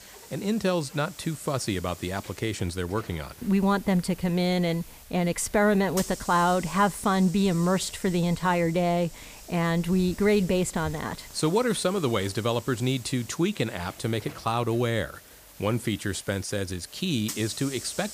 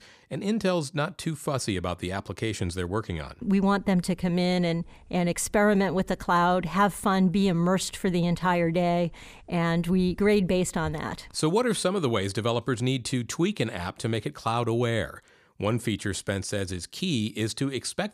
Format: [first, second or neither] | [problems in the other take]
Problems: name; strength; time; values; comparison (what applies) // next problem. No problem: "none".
second | hiss; noticeable; throughout; 15 dB below the speech